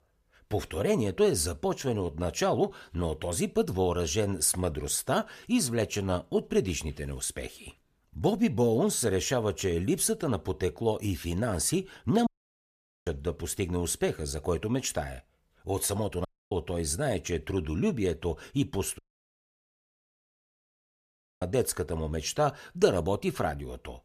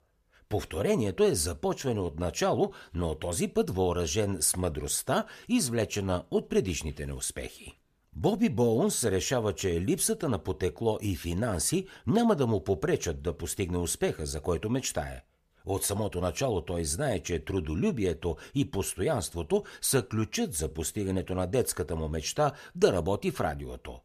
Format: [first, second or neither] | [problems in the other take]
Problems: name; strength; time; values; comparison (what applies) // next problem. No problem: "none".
second | audio cutting out; at 12 s for 1 s, at 16 s and at 19 s for 2.5 s